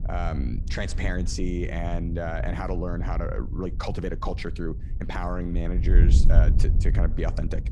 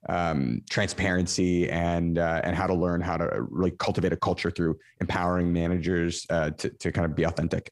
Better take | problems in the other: second | wind noise on the microphone; occasional gusts; 10 dB below the speech

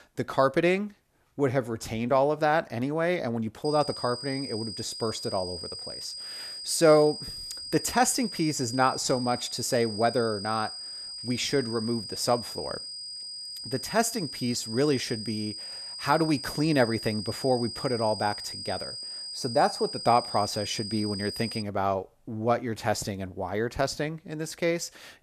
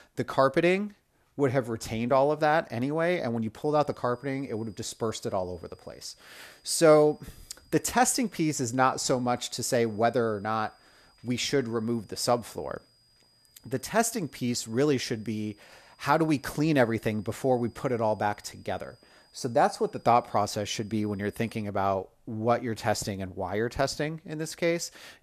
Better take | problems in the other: second | high-pitched whine; loud; from 3.5 to 22 s; 5 kHz, 8 dB below the speech; faint in the second

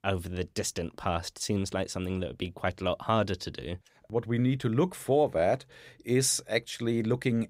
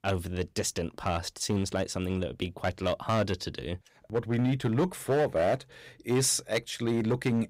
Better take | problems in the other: first | distortion; slight; 6% of the sound clipped

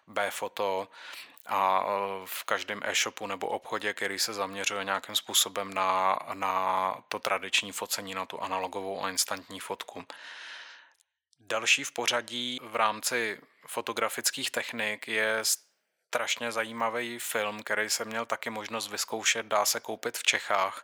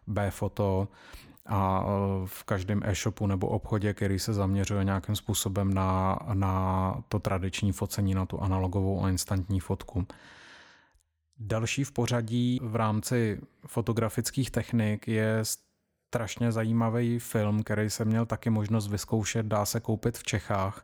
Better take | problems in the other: second | thin; very; fading below 650 Hz

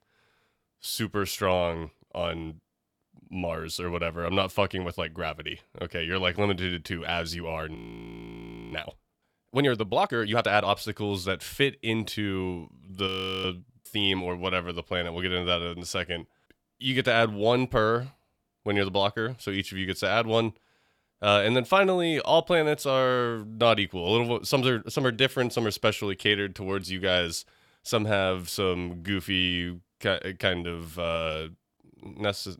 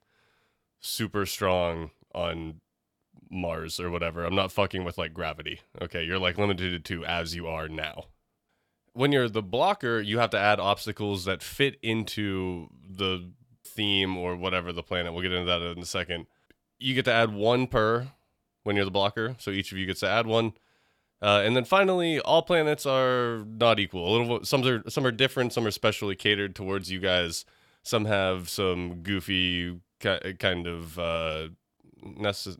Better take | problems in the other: second | audio freezing; at 8 s for 1 s and at 13 s

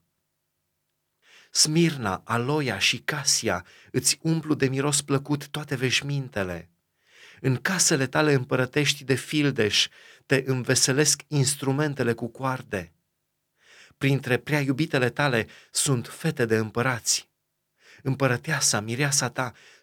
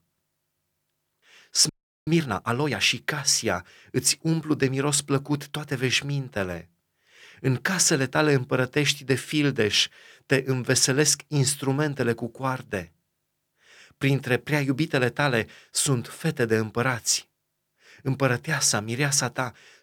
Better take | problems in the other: first | audio freezing; at 1.5 s

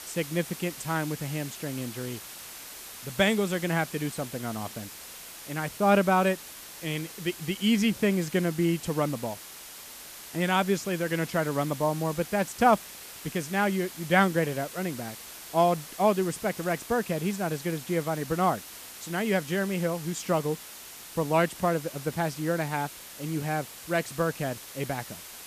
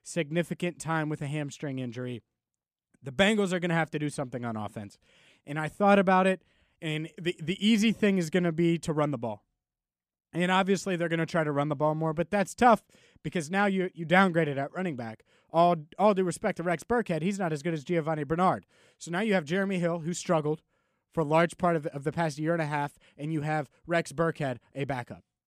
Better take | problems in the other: second | hiss; noticeable; throughout; 15 dB below the speech

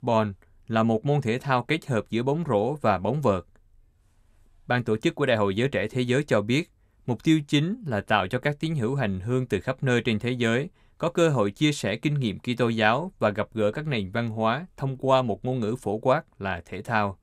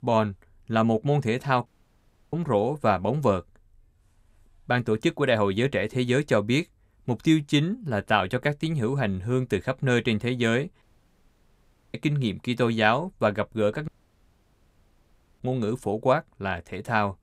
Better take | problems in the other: first | audio cutting out; at 1.5 s for 0.5 s, at 11 s for 1 s and at 14 s for 1.5 s

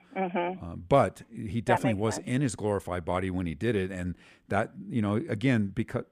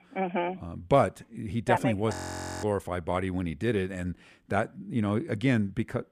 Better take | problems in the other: first | audio freezing; at 2 s for 0.5 s

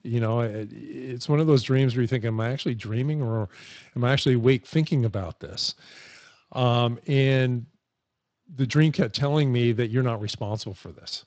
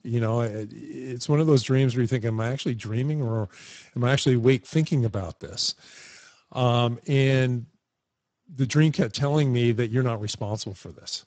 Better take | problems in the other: first | garbled, watery; badly; nothing above 8 kHz; slightly in the first

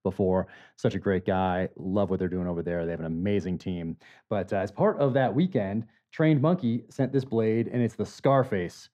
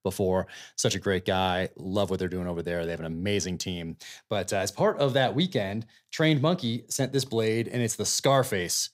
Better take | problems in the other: second | muffled; very; fading above 3.5 kHz

